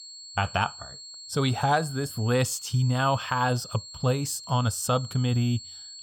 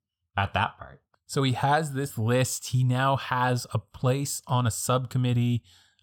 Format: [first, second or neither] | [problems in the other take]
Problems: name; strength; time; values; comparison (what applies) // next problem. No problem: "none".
second | high-pitched whine; noticeable; throughout; 4.5 kHz, 15 dB below the speech